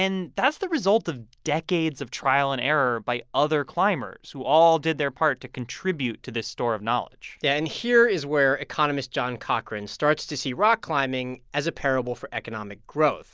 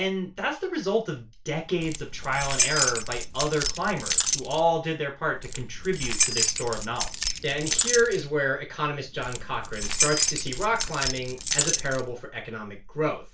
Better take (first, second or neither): first